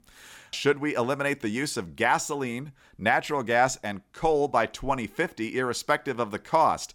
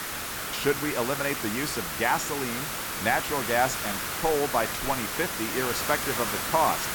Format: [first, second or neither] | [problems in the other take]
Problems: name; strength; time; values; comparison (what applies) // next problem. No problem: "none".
first | hiss; loud; throughout; 1 dB below the speech